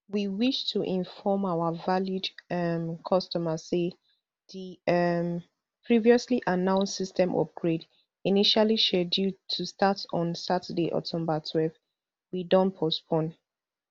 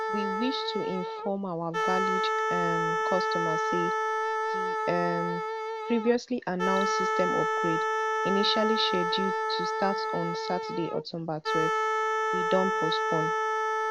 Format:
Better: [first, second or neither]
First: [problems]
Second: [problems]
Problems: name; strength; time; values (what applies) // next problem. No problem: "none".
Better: first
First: none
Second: background sound (Wind instrument, woodwind instrument); 3 dB above the speech